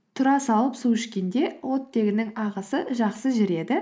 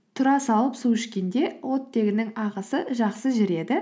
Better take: second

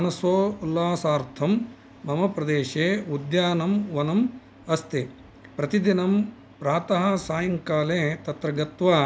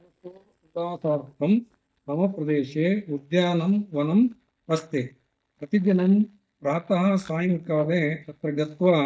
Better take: first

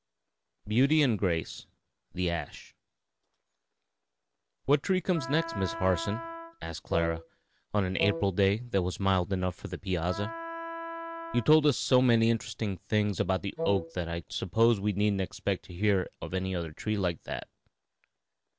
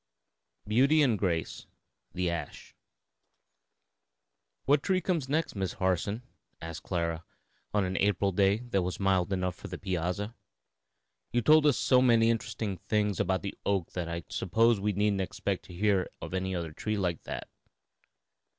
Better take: second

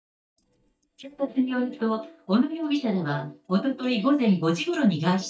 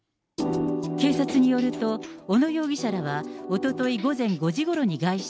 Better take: second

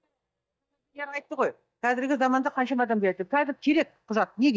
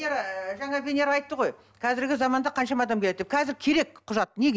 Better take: second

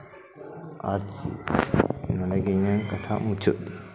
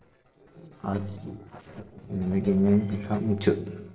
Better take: first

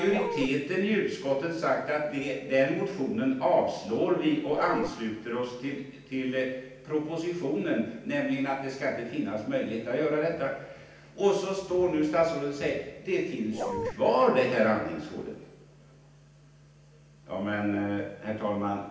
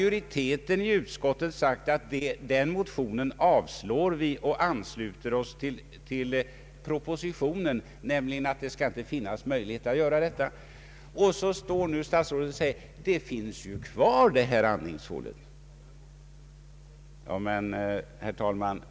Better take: second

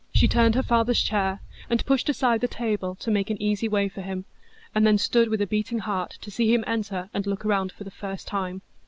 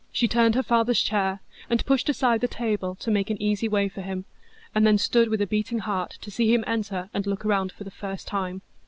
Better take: second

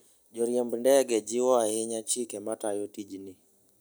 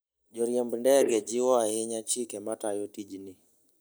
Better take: first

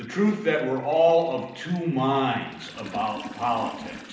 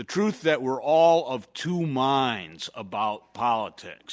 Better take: second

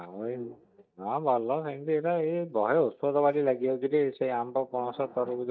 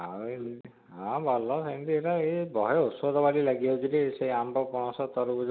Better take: second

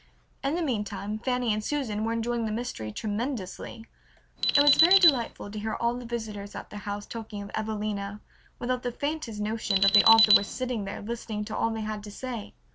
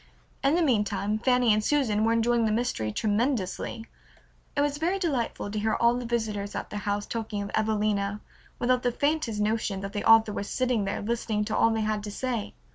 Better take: second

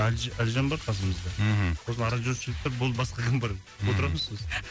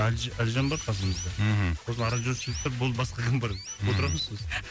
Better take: first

